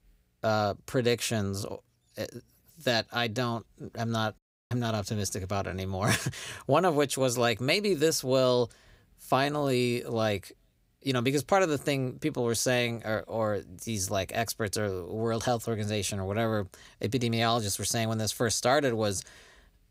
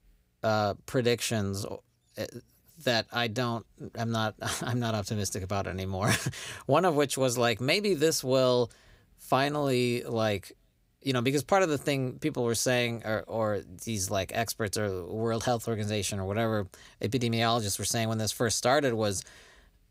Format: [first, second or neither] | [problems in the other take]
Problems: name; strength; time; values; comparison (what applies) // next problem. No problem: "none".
second | audio cutting out; at 4.5 s